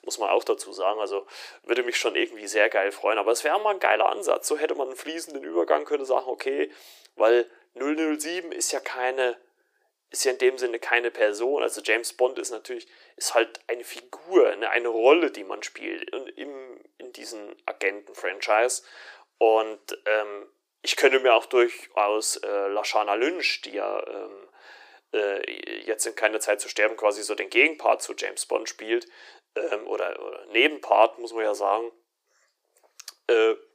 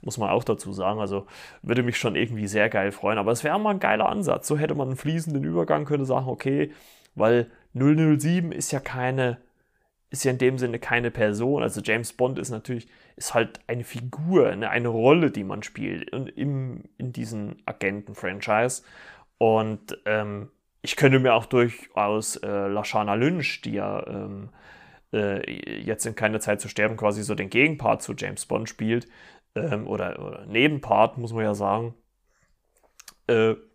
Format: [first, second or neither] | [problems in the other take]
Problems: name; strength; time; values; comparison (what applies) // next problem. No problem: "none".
second | thin; very; fading below 350 Hz